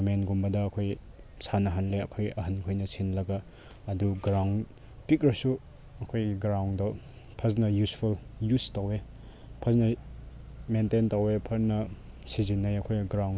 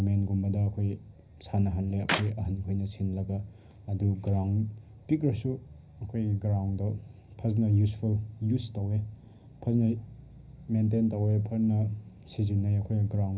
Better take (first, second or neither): first